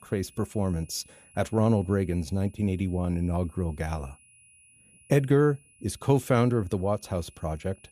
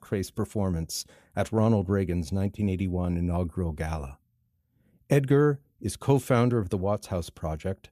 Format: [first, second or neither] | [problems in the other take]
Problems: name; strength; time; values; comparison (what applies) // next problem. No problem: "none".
second | high-pitched whine; faint; throughout; 10 kHz, 30 dB below the speech